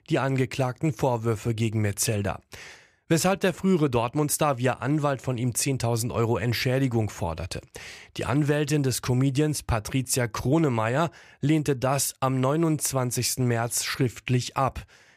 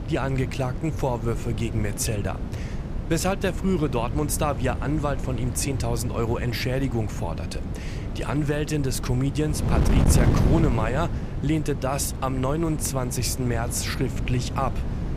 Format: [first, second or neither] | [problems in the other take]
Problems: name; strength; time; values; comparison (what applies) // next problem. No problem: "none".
first | wind noise on the microphone; heavy; 8 dB below the speech